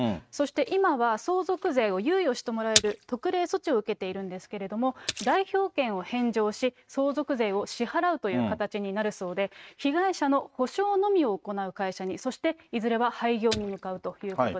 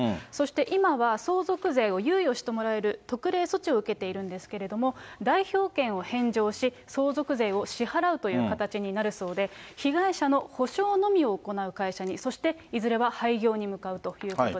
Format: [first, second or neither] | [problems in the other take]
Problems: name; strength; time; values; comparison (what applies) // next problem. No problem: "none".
second | noise reduction (neural mask model RNNoise)